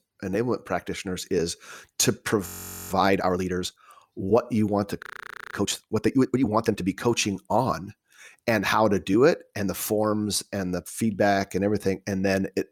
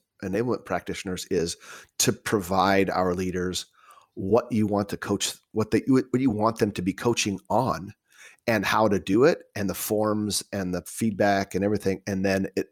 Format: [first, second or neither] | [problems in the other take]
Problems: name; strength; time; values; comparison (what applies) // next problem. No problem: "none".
second | audio freezing; at 2.5 s and at 5 s for 0.5 s